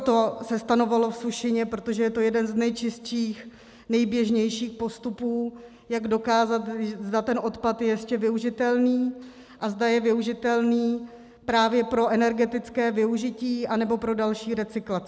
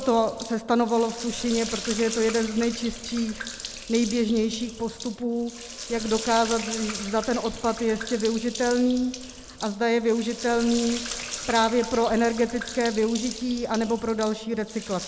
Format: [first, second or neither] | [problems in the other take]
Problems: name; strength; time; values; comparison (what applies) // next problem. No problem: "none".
first | background sound (Sink (filling or washing)); 11 dB below the speech